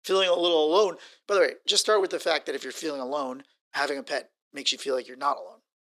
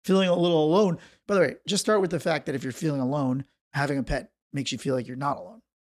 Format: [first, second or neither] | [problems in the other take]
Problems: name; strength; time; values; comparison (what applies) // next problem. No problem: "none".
second | thin; very; fading below 400 Hz